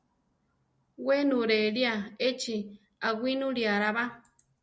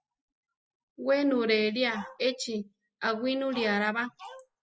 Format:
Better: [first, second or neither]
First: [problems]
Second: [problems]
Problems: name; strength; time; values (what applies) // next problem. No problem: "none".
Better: first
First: none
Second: noise reduction (classical method spectral subtraction)